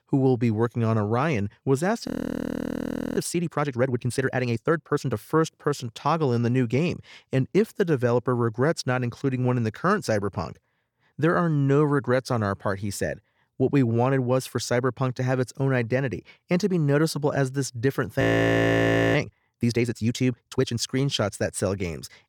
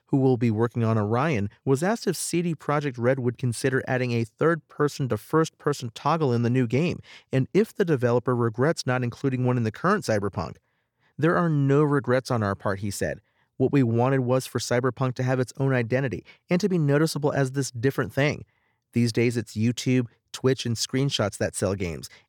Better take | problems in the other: second | audio freezing; at 2 s for 1 s and at 18 s for 1 s

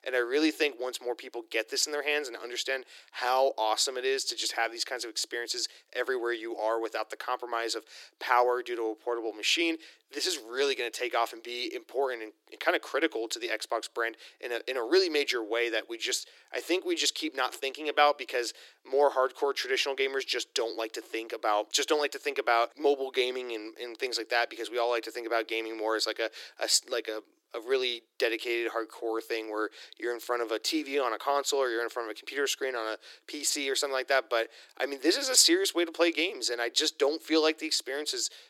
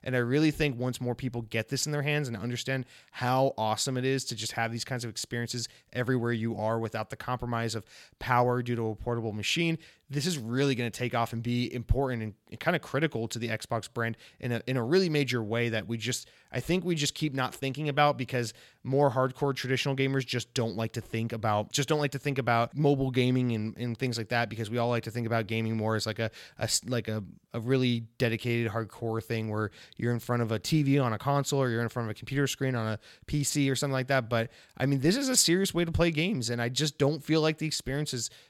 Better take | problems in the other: second | thin; very; fading below 300 Hz

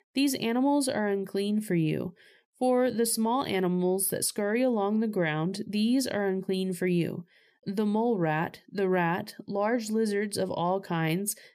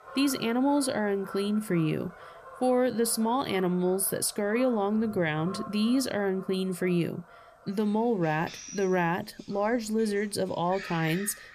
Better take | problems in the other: first | animal sounds; noticeable; throughout; 15 dB below the speech

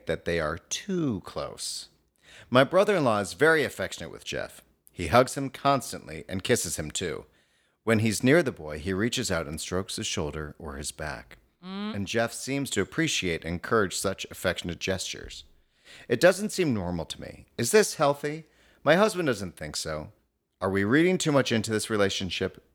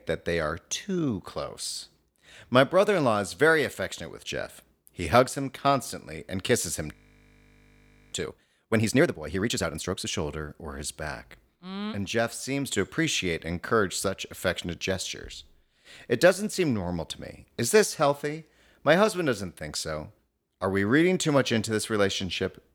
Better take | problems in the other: first | audio freezing; at 7 s for 1 s

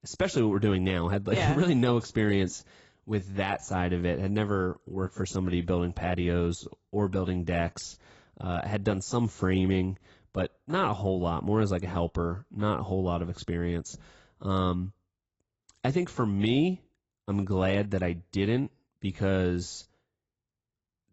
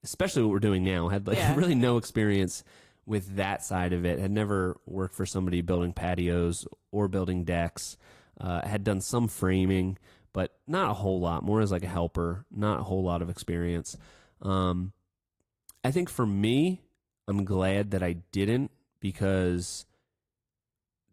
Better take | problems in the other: second | garbled, watery; badly; nothing above 8 kHz; slightly in the second

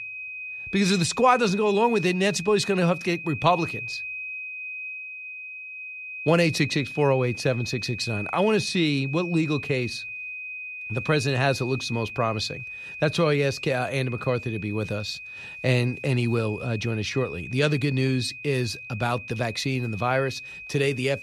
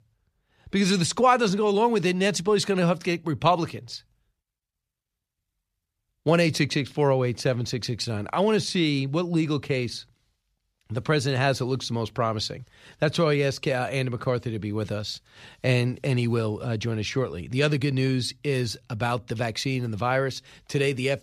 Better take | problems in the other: second | high-pitched whine; loud; throughout; 2.5 kHz, 10 dB below the speech

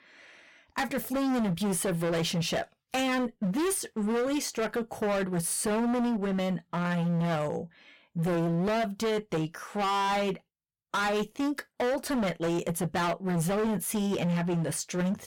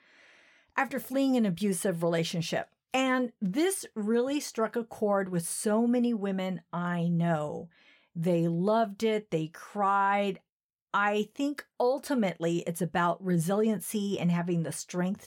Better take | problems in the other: second | distortion; heavy; 28% of the sound clipped

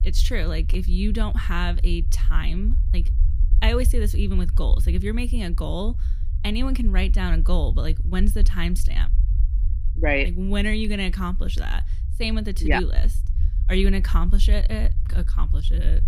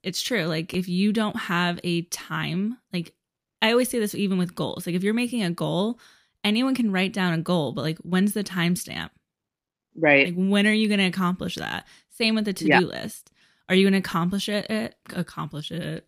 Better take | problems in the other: second | low rumble; noticeable; throughout; 15 dB below the speech

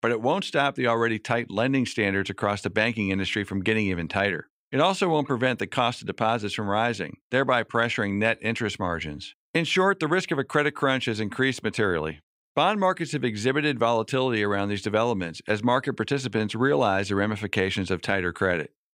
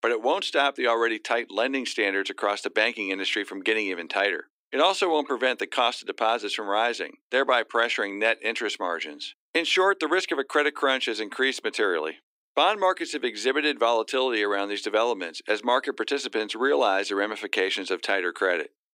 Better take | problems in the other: first | thin; somewhat; fading below 300 Hz

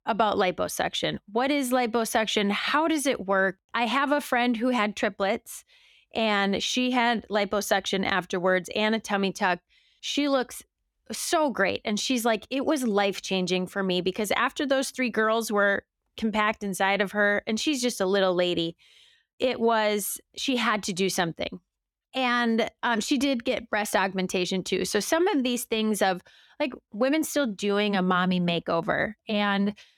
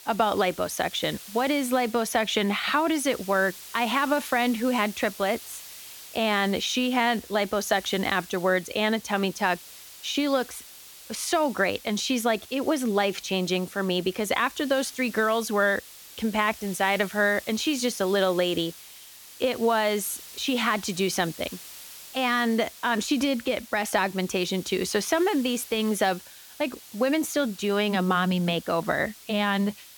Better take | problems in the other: first | hiss; noticeable; throughout; 15 dB below the speech

